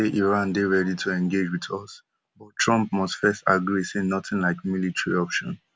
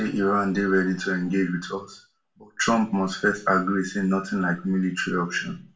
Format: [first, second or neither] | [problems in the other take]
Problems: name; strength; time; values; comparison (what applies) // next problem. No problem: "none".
first | room echo; dies away in 0.3 s